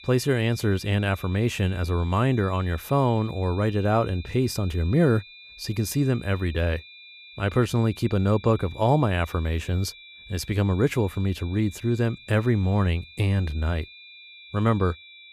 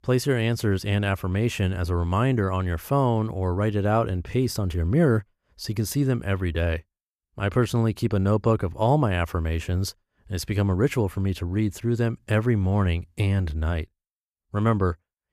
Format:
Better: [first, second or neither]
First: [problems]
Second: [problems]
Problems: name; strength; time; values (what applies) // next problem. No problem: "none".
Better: second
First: high-pitched whine; noticeable; throughout; 2.5 kHz, 20 dB below the speech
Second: none